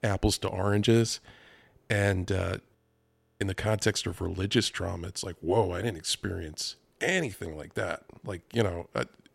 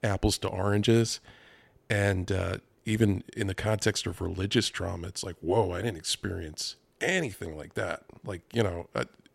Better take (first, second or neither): second